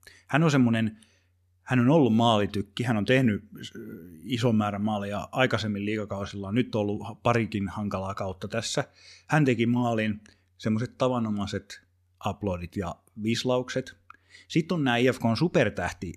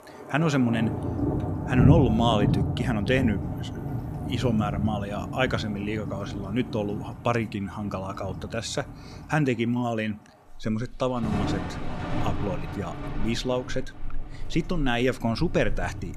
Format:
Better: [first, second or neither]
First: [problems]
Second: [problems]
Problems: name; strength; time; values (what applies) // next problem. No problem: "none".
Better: first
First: none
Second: rain or running water; loud; throughout; 3 dB below the speech